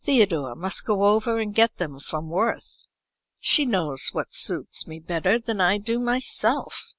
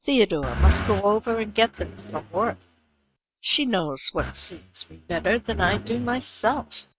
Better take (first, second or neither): first